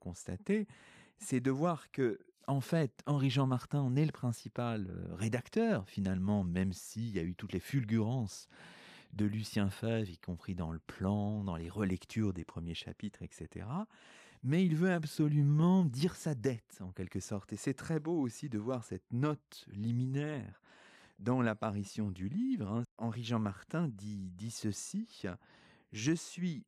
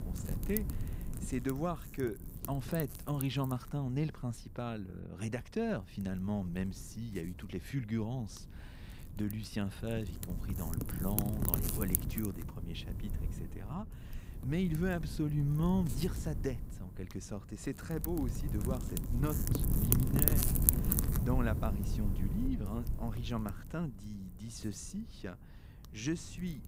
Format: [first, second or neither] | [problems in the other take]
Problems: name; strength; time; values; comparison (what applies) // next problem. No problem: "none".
first | wind noise on the microphone; heavy; 2 dB below the speech